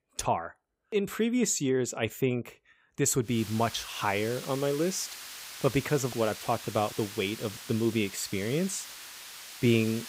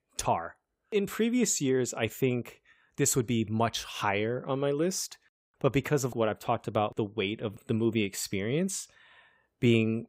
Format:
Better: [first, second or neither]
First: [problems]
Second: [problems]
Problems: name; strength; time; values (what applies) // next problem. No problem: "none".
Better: second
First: hiss; noticeable; from 3.5 s on; 10 dB below the speech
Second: none